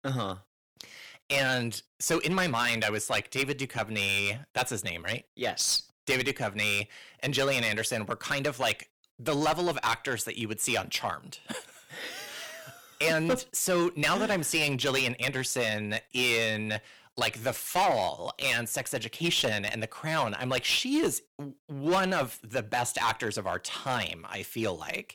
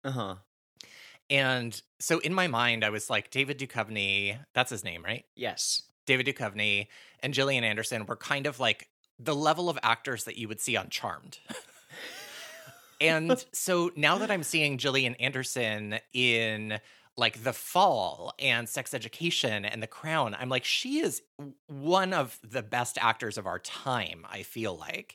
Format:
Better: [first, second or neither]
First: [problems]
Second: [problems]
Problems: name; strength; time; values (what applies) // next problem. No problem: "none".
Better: second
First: distortion; heavy; 5% of the sound clipped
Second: none